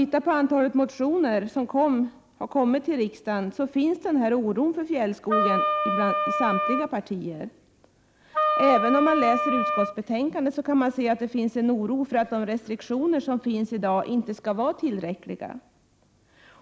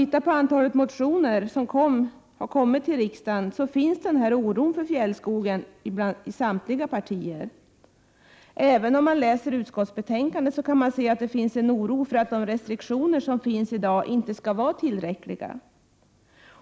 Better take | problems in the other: second | background sound (Wind instrument, woodwind instrument); as loud as the speech

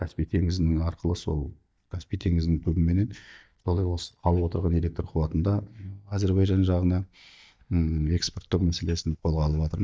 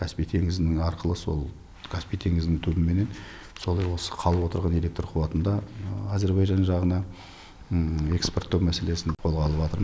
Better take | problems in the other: second | noise reduction (neural mask model DeepFilterNet 3)

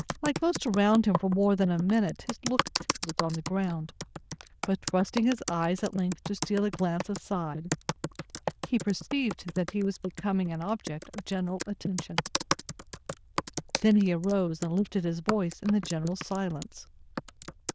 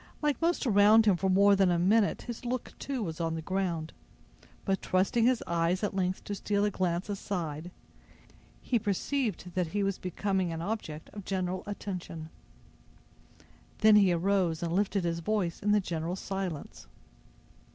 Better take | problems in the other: second | noise reduction (neural diffusion model UNIVERSE++)

